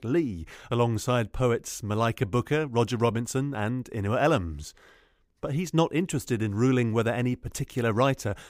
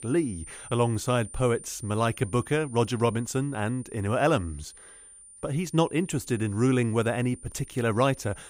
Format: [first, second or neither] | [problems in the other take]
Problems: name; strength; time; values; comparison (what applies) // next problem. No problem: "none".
first | high-pitched whine; noticeable; throughout; 9 kHz, 20 dB below the speech